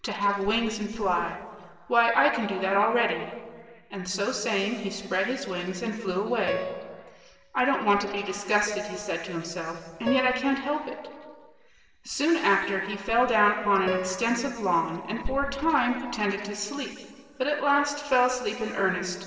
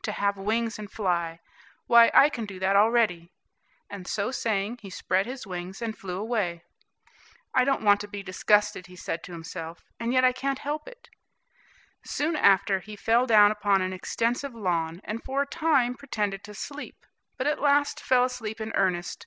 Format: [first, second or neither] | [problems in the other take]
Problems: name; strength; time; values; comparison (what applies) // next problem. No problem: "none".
second | noise reduction (neural separator model SepFormer DNS4)